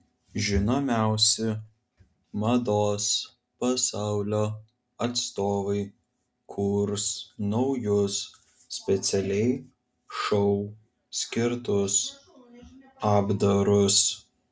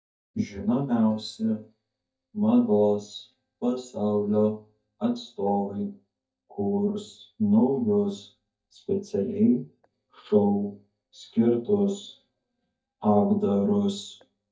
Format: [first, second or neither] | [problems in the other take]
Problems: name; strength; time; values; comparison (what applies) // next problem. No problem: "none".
first | noise reduction (neural mask model DeepFilterNet 3)